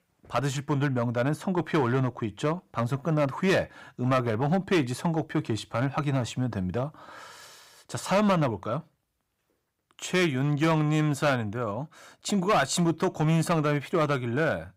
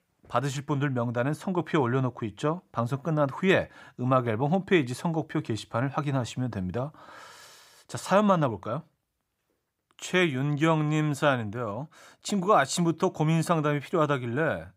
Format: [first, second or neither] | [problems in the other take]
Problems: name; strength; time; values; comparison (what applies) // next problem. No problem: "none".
second | distortion; slight; 5% of the sound clipped